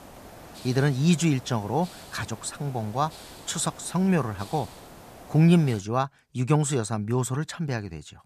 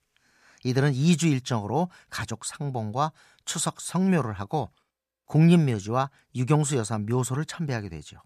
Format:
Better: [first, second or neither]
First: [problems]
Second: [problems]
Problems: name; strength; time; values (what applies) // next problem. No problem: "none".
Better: second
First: hiss; noticeable; until 6 s; 20 dB below the speech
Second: none